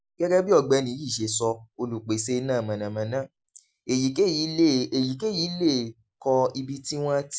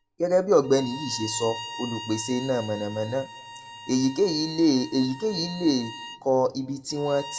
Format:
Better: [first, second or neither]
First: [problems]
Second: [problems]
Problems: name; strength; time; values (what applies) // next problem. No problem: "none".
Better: first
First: none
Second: background sound (Bowed string instrument); 15 dB below the speech // room echo; dies away in 0.2 s